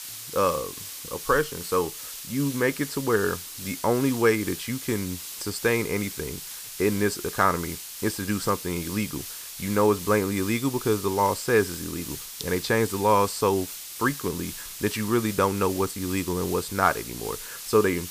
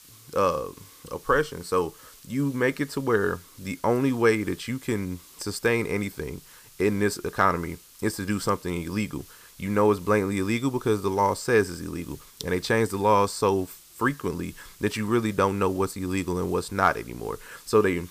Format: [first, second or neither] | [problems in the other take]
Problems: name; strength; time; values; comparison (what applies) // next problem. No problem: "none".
second | hiss; loud; throughout; 9 dB below the speech; faint in the second